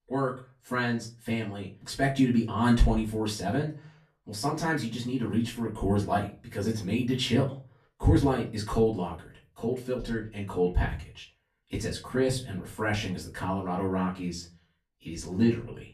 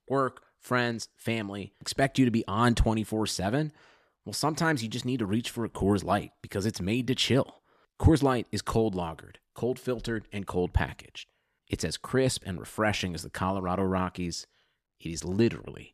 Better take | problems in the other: second | off-mic speech; far // room echo; very slight; dies away in 0.3 s

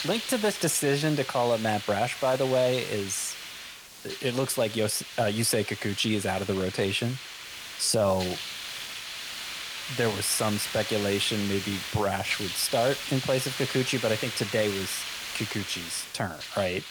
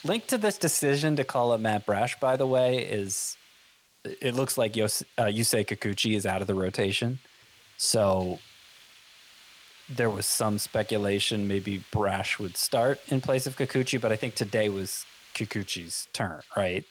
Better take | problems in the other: second | hiss; loud; throughout; 7 dB below the speech; faint in the second

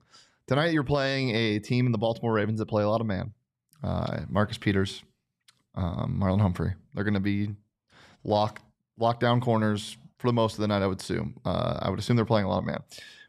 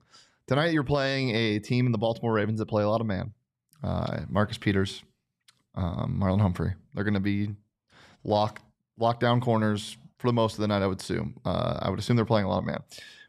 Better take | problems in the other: neither | none

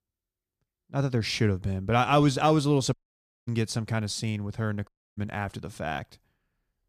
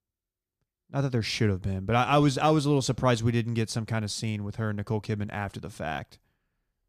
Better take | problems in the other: second | audio cutting out; at 3 s for 0.5 s and at 5 s

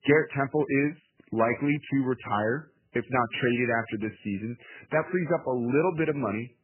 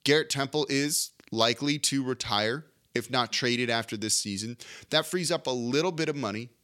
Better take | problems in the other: second | garbled, watery; badly; nothing above 3 kHz

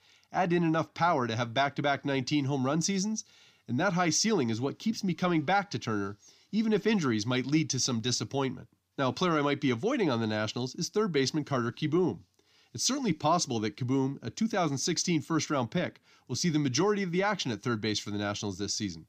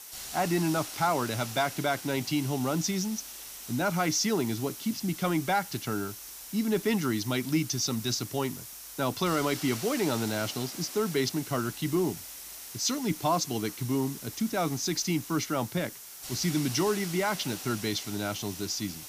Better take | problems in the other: first | hiss; loud; throughout; 9 dB below the speech

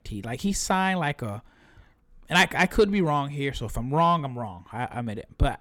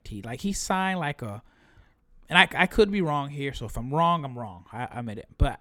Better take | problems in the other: second | distortion; slight; 10 dB below the speech

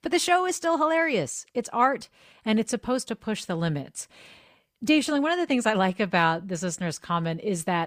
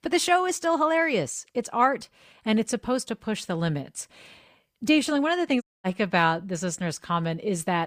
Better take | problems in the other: first | audio cutting out; at 5.5 s

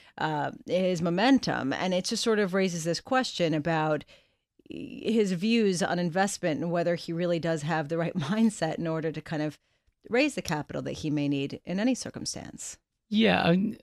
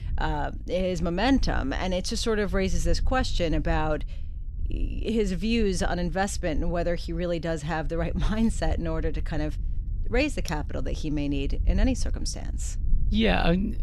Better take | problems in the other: first | wind noise on the microphone; occasional gusts; 25 dB below the speech

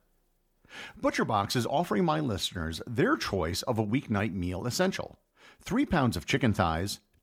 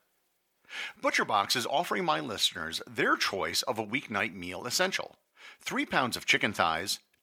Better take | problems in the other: first | thin; somewhat; fading below 850 Hz

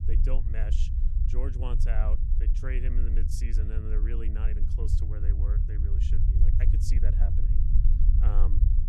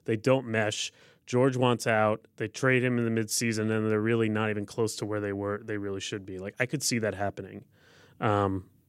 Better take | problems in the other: second | low rumble; loud; throughout; 2 dB below the speech

